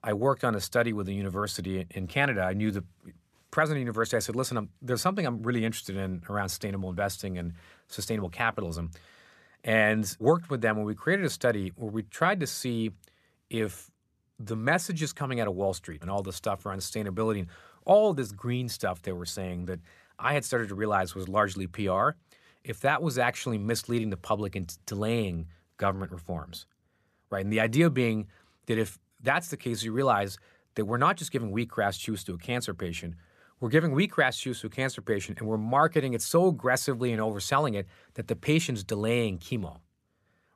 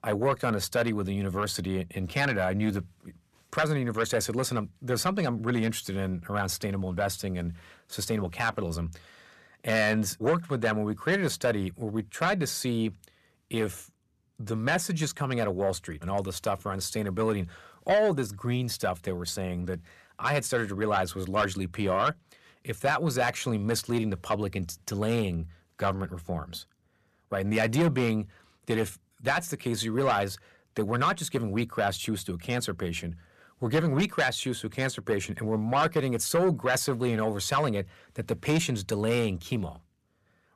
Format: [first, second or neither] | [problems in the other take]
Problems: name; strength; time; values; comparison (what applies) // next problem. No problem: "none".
first | distortion; slight; 10 dB below the speech